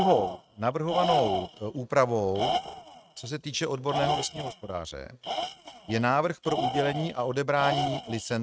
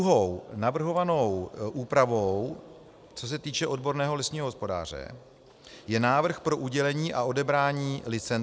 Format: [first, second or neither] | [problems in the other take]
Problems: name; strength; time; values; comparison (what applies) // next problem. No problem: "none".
second | noise reduction (neural mask model RNNoise)